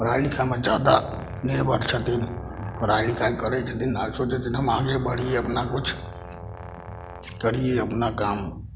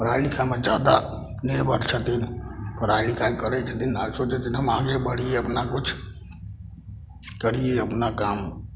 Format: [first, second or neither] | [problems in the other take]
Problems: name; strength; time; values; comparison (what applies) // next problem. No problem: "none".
second | background sound (Brass instrument); 19 dB below the speech